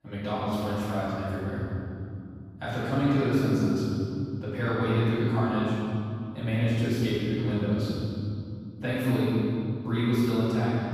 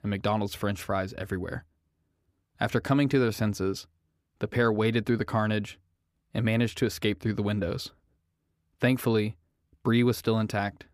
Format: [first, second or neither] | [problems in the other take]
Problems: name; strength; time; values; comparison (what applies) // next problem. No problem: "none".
second | room echo; strong; dies away in 3 s // off-mic speech; far